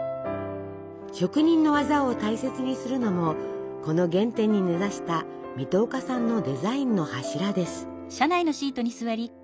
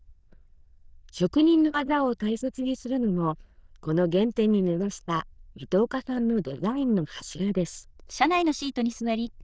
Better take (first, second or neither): first